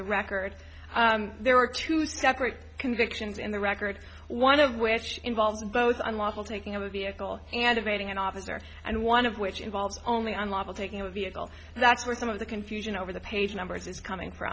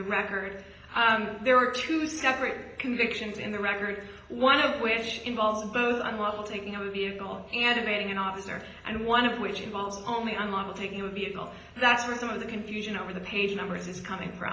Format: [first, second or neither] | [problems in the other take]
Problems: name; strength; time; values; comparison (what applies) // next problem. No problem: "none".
first | room echo; dies away in 0.9 s